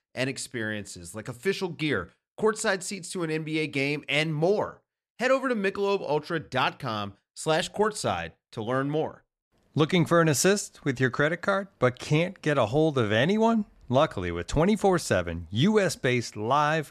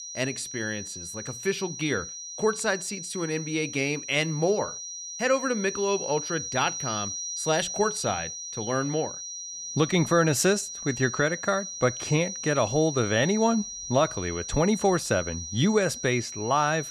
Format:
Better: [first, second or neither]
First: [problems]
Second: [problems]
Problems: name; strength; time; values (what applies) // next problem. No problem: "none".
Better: first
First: none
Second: high-pitched whine; loud; throughout; 6 kHz, 7 dB below the speech